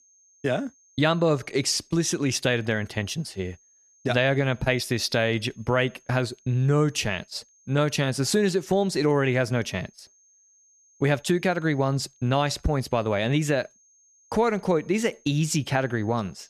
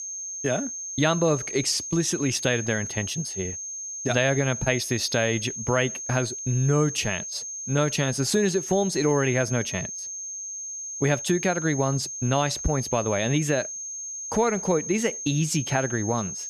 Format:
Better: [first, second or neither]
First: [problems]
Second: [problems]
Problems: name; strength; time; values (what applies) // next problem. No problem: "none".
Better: first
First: high-pitched whine; faint; throughout; 6.5 kHz, 30 dB below the speech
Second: high-pitched whine; loud; throughout; 6.5 kHz, 6 dB below the speech